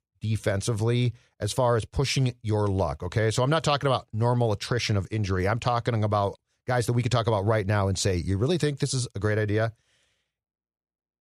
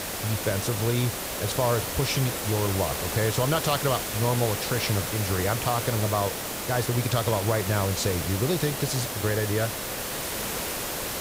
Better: first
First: none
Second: hiss; loud; throughout; 2 dB below the speech

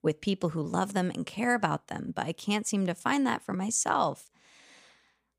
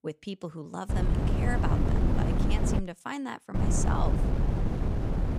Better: first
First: none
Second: wind noise on the microphone; heavy; from 1 to 3 s and from 3.5 s on; 1 dB above the speech

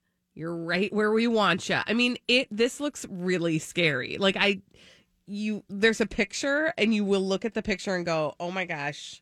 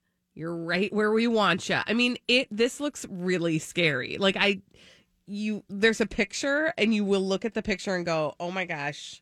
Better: neither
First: none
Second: none

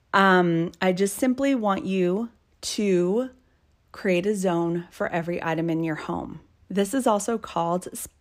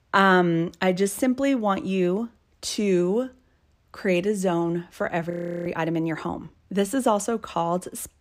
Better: first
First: none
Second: audio freezing; at 5.5 s

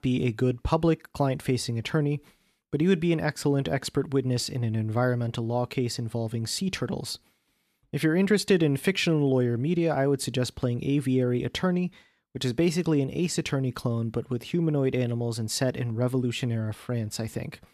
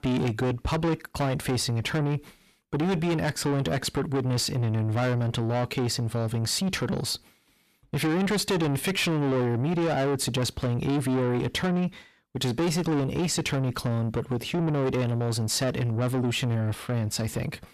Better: first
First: none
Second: distortion; heavy; 7 dB below the speech

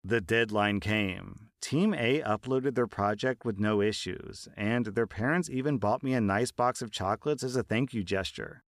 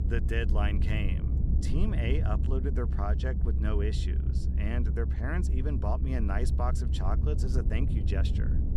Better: first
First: none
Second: low rumble; loud; throughout; 7 dB below the speech

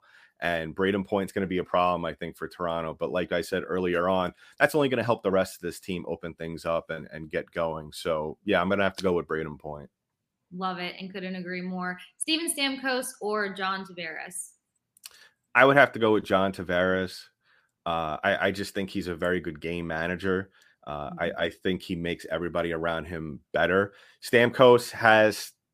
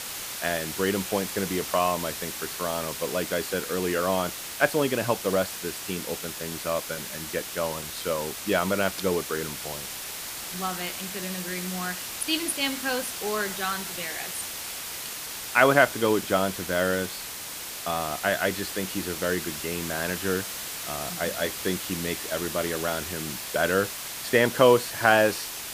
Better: first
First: none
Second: hiss; loud; throughout; 6 dB below the speech

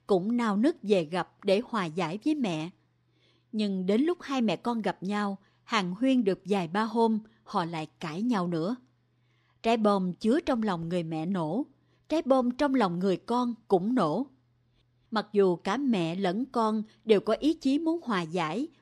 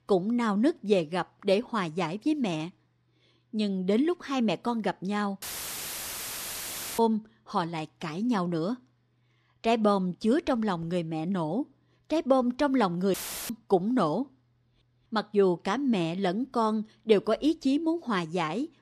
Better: first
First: none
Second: audio cutting out; filled with static; at 5.5 s for 1.5 s and at 13 s

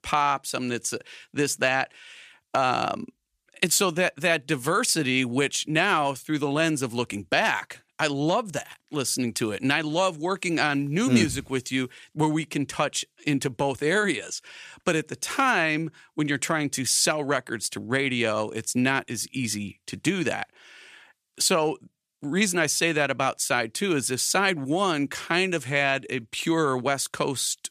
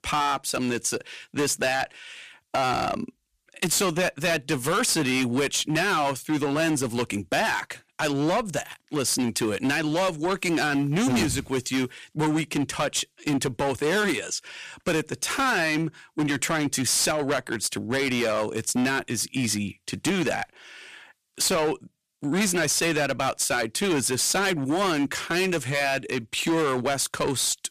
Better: first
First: none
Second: distortion; heavy; 15% of the sound clipped

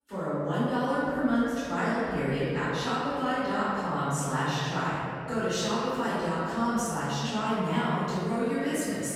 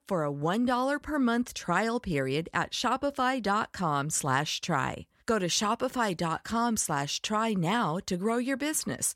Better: second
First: room echo; strong; dies away in 2.9 s // off-mic speech; far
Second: none

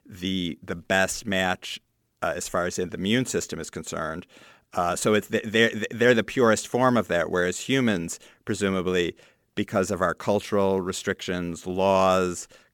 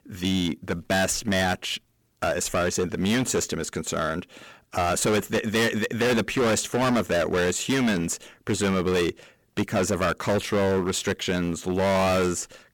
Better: first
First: none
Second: distortion; heavy; 16% of the sound clipped

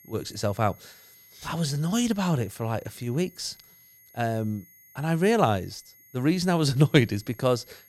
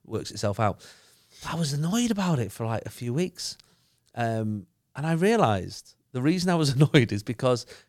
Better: second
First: high-pitched whine; faint; throughout; 11.5 kHz, 25 dB below the speech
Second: none

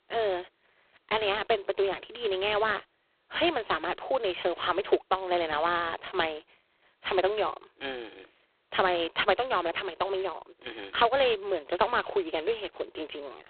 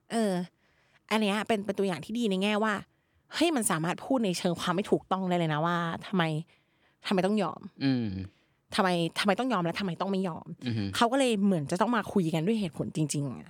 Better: second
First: phone-call audio; poor line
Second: none

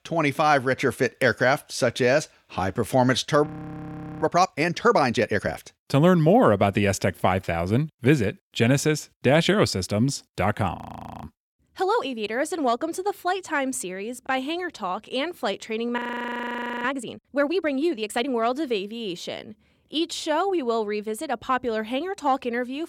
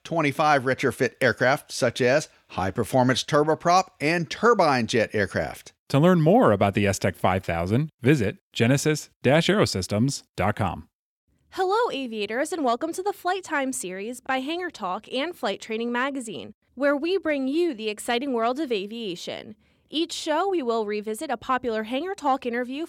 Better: second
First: audio freezing; at 3.5 s for 1 s, at 11 s and at 16 s for 1 s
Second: none

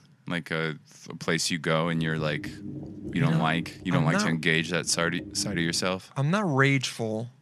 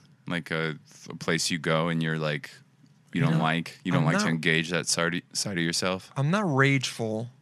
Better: second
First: low rumble; noticeable; from 2 to 6 s; 20 dB below the speech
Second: none

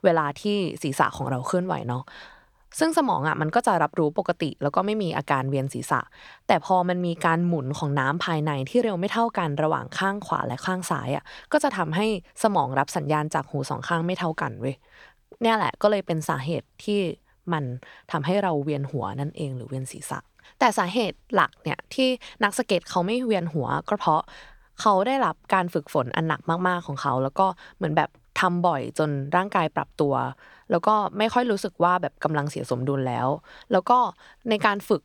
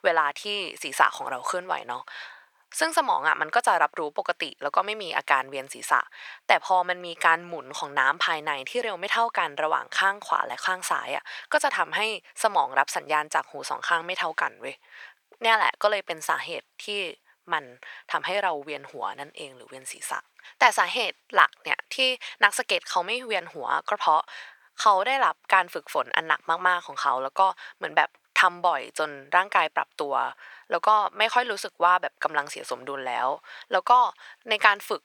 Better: first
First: none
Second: thin; very; fading below 750 Hz

